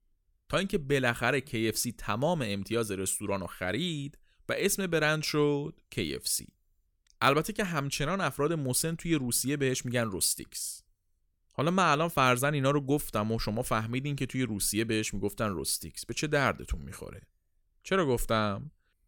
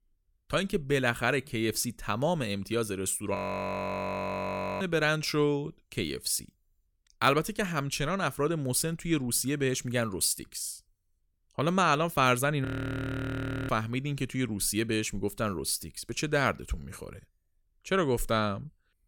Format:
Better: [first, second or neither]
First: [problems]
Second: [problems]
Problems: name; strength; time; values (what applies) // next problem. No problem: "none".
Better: first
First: none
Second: audio freezing; at 3.5 s for 1.5 s and at 13 s for 1 s